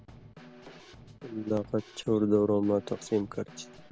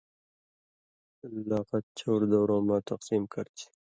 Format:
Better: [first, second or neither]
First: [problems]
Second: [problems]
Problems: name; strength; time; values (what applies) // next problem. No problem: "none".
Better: second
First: background sound (Snare drum / Drum kit); 19 dB below the speech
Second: none